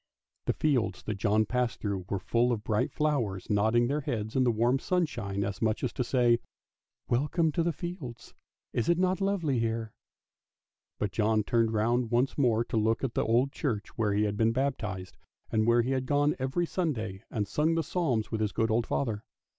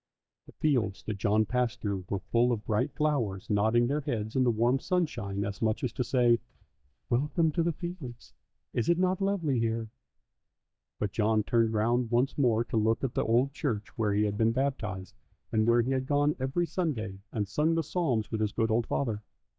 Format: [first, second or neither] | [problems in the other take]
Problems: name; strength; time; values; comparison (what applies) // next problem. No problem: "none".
first | noise reduction (neural mask model DeepFilterNet 3)